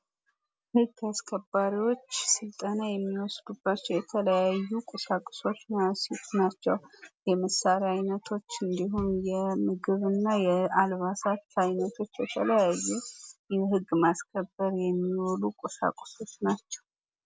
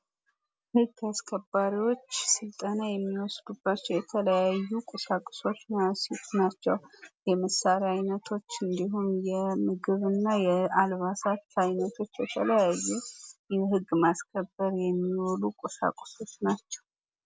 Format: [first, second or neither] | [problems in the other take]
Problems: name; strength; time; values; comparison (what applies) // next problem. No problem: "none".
second | background sound (Bass drum); 18 dB below the speech